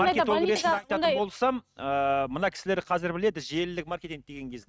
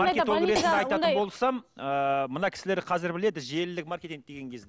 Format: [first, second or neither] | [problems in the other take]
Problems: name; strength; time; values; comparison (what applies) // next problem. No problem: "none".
second | noise reduction (neural mask model RNNoise)